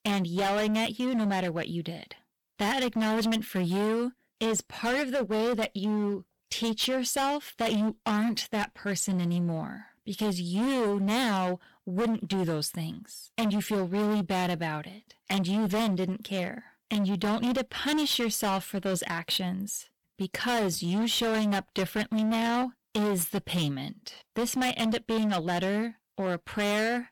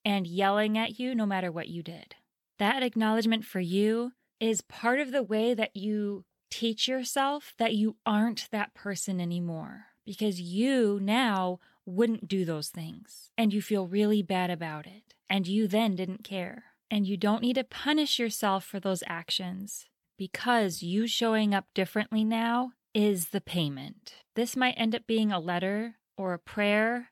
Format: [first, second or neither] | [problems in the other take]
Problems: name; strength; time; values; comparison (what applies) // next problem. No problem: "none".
second | distortion; heavy; 22% of the sound clipped